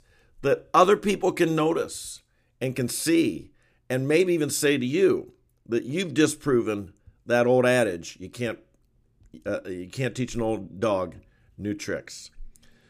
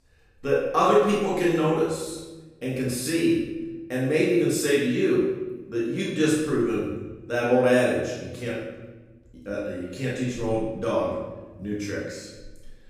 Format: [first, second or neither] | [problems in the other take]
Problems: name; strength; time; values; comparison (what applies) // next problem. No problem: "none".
first | off-mic speech; far // room echo; noticeable; dies away in 1 s